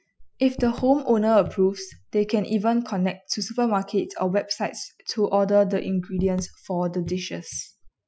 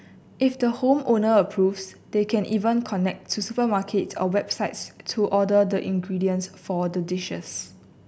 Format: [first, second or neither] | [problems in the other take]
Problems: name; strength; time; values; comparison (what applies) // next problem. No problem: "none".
second | noise reduction (classical method Wiener filter)